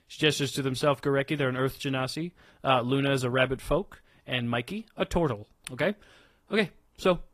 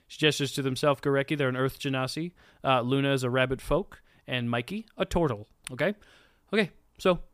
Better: second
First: garbled, watery; slightly; nothing above 14.5 kHz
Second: none

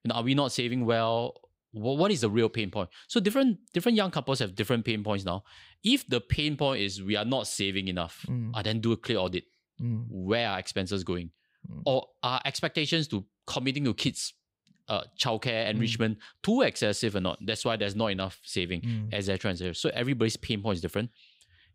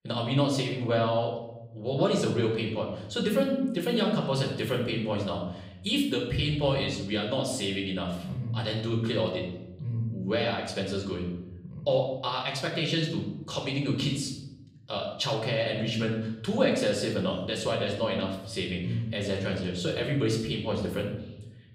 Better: first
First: none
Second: off-mic speech; far // room echo; noticeable; dies away in 0.9 s

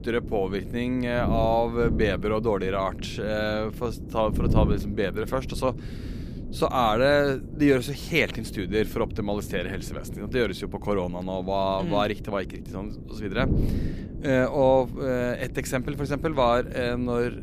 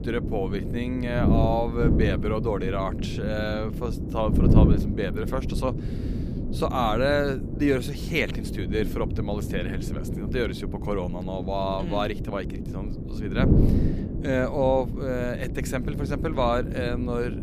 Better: first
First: wind noise on the microphone; occasional gusts; 15 dB below the speech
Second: wind noise on the microphone; heavy; 7 dB below the speech

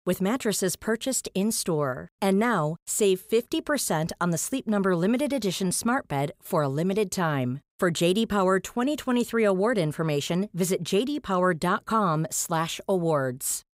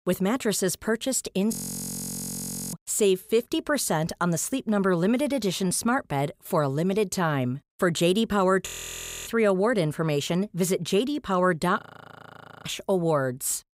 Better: first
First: none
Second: audio freezing; at 1.5 s for 1 s, at 8.5 s for 0.5 s and at 12 s for 1 s

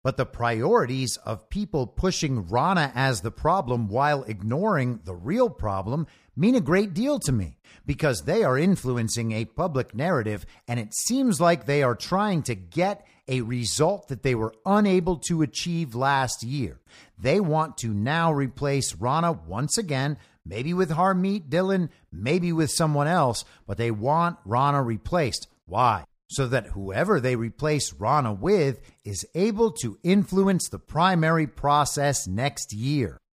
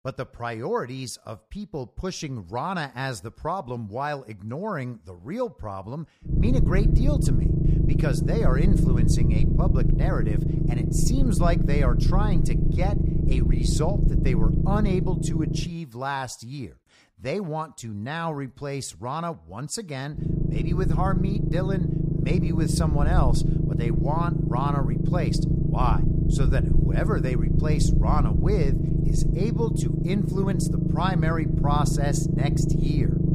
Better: first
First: none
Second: low rumble; loud; from 6.5 to 16 s and from 20 s on; 2 dB below the speech

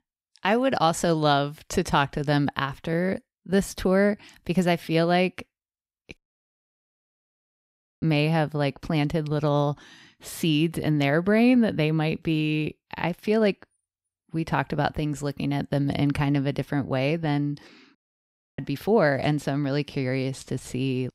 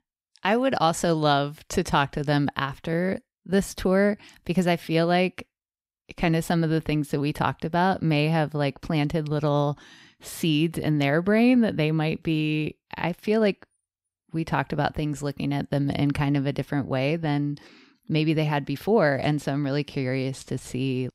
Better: second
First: audio cutting out; at 6 s for 2 s and at 18 s for 0.5 s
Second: none

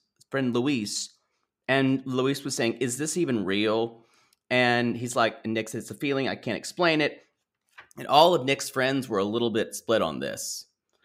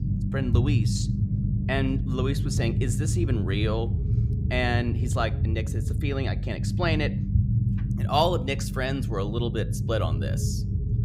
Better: first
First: none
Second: low rumble; loud; throughout; 9 dB below the speech

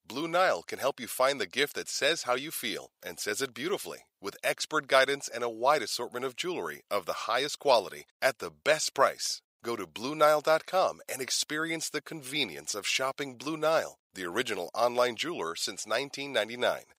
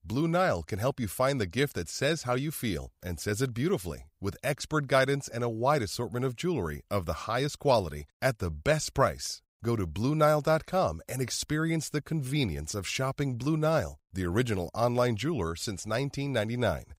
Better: second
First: thin; somewhat; fading below 450 Hz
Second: none

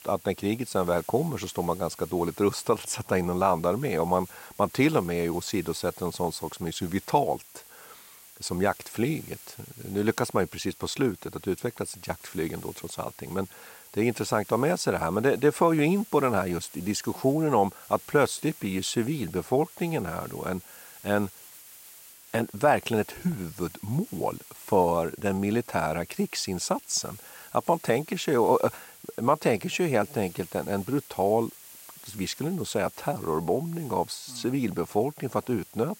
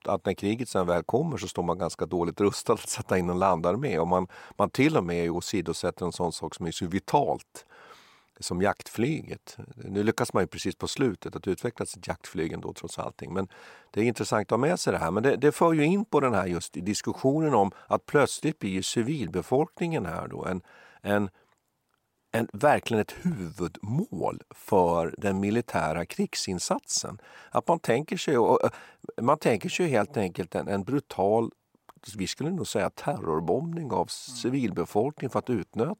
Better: second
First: hiss; noticeable; throughout; 20 dB below the speech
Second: none

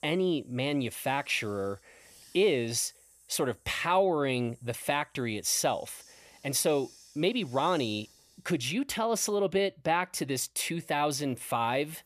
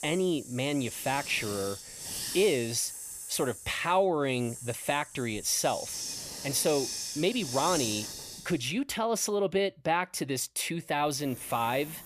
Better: first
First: hiss; faint; throughout; 25 dB below the speech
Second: hiss; loud; throughout; 8 dB below the speech

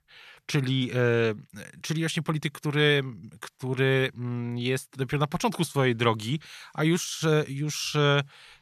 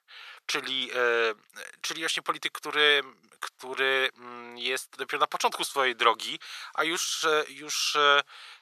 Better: first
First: none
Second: thin; very; fading below 500 Hz

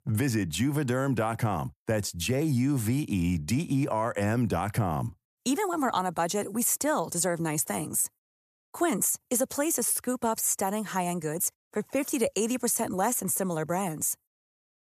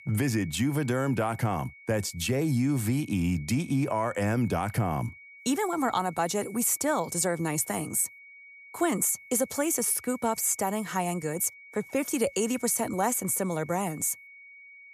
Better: first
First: none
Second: high-pitched whine; noticeable; throughout; 2 kHz, 20 dB below the speech

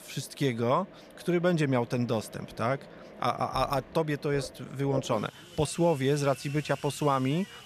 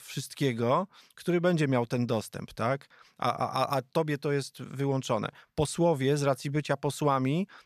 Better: second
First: machinery noise; noticeable; throughout; 15 dB below the speech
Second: none

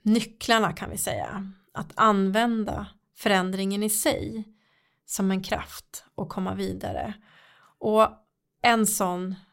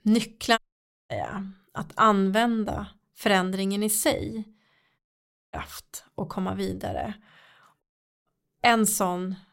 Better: first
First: none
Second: audio cutting out; at 0.5 s for 0.5 s, at 5 s for 0.5 s and at 8 s

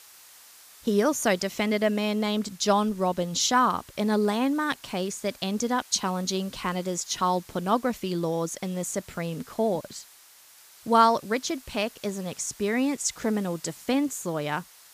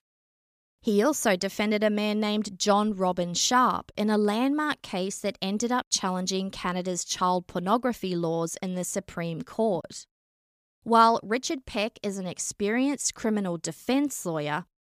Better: second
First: hiss; faint; throughout; 20 dB below the speech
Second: none

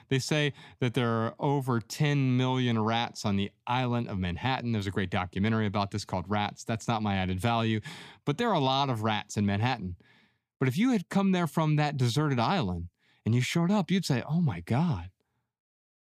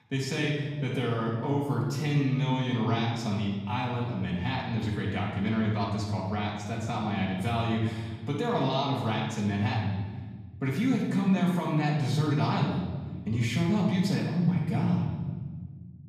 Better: first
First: none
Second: off-mic speech; far // room echo; noticeable; dies away in 1.6 s

